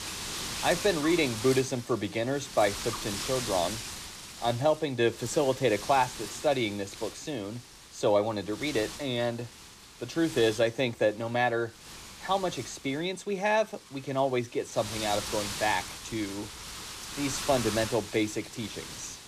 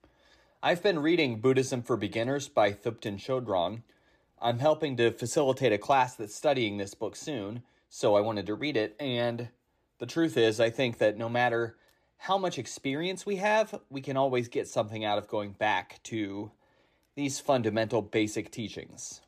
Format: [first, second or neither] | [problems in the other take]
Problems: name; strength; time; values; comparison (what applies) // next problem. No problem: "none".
second | wind noise on the microphone; heavy; 9 dB below the speech